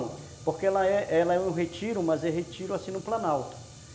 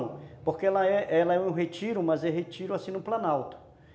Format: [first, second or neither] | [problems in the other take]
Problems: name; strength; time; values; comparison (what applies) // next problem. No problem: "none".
second | background sound (Fire); 19 dB below the speech